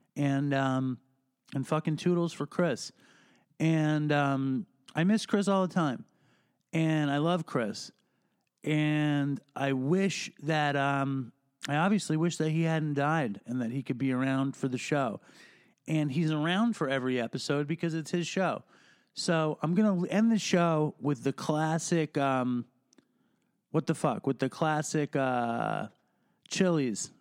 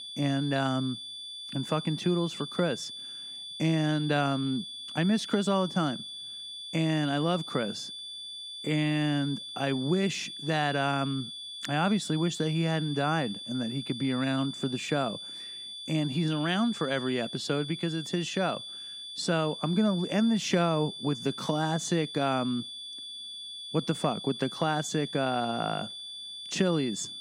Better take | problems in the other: first | high-pitched whine; loud; throughout; 3.5 kHz, 9 dB below the speech

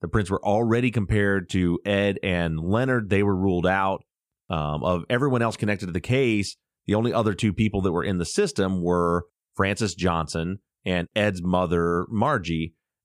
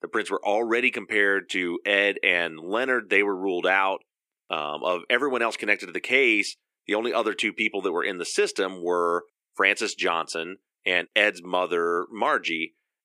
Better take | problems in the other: first | thin; somewhat; fading below 300 Hz

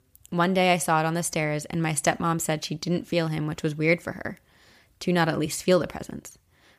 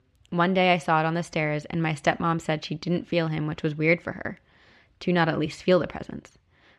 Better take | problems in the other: first | muffled; slightly; fading above 3 kHz

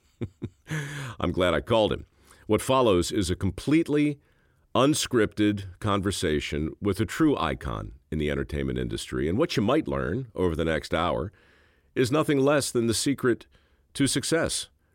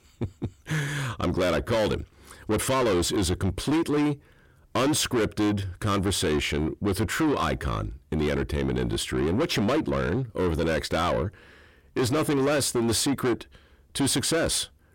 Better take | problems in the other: first | distortion; heavy; 7 dB below the speech

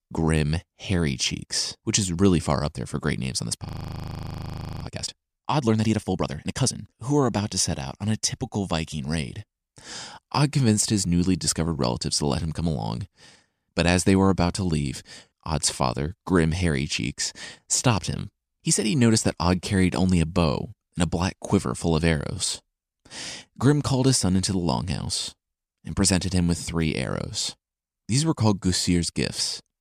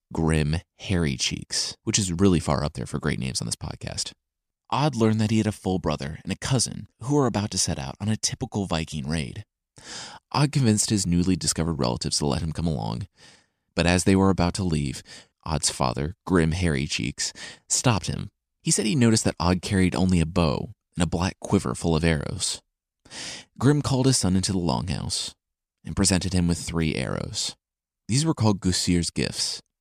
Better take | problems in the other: second | audio freezing; at 3.5 s for 1 s

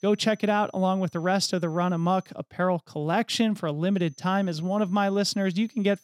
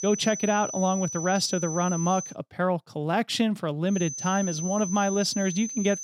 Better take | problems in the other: first | high-pitched whine; loud; until 2.5 s and from 4 s on; 6 kHz, 7 dB below the speech; faint in the first

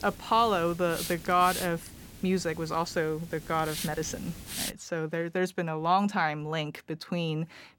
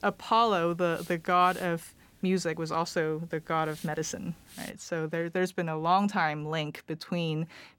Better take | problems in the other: second | hiss; loud; until 4.5 s; 10 dB below the speech; faint in the second

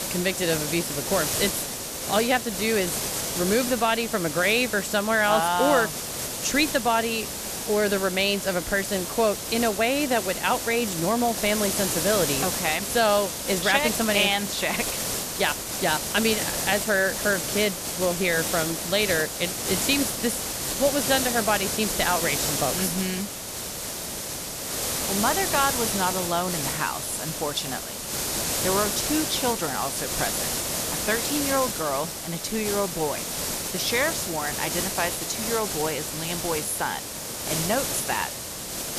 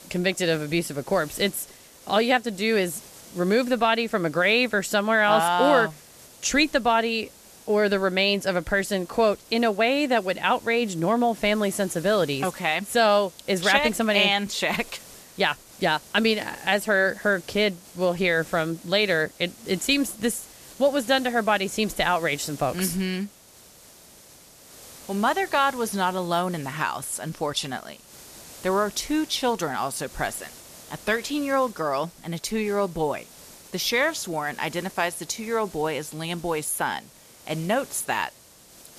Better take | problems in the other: second | hiss; loud; throughout; 2 dB below the speech; faint in the second

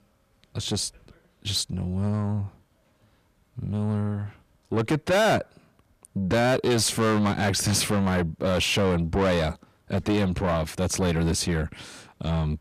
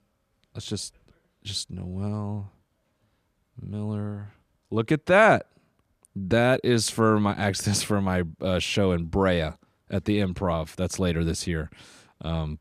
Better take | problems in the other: second | distortion; heavy; 6 dB below the speech

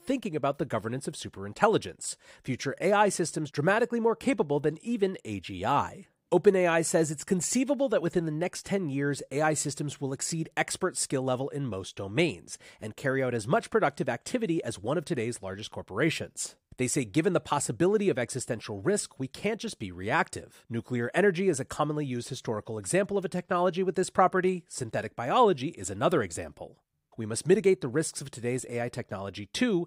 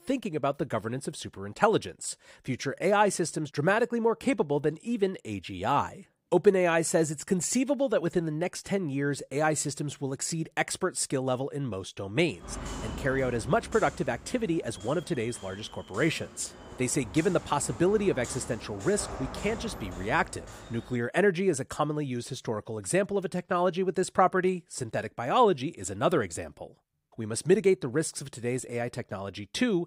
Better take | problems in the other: first | footsteps; noticeable; from 12 to 21 s; peak 9 dB below the speech

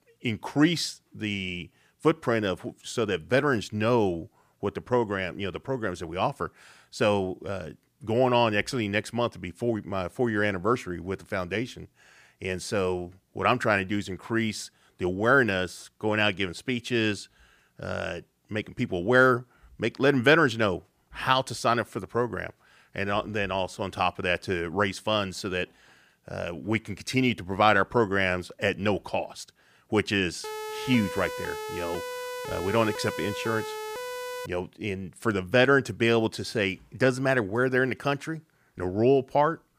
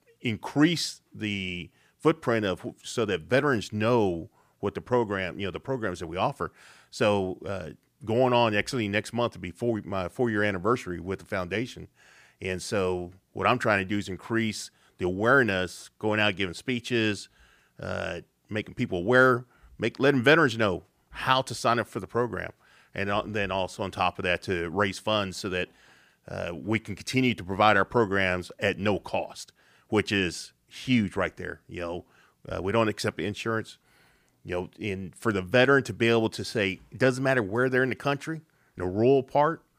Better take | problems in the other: second | siren; noticeable; from 30 to 34 s; peak 8 dB below the speech

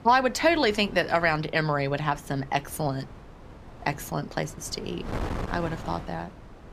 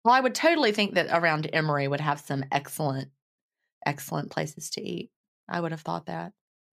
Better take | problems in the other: second | wind noise on the microphone; occasional gusts; 15 dB below the speech

